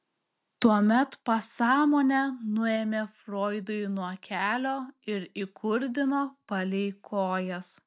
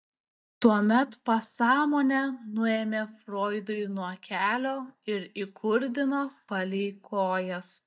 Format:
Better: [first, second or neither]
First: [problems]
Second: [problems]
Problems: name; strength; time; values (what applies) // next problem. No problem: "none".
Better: first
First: none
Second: noise reduction (neural mask model DeepFilterNet 3)